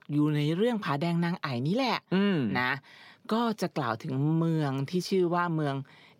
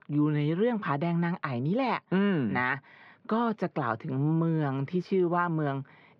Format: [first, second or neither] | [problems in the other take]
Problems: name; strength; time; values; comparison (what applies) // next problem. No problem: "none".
first | muffled; slightly; fading above 2 kHz